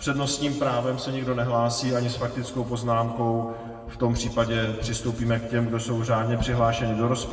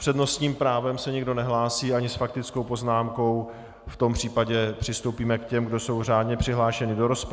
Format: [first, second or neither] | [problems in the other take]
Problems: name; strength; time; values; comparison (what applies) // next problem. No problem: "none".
second | room echo; dies away in 1.9 s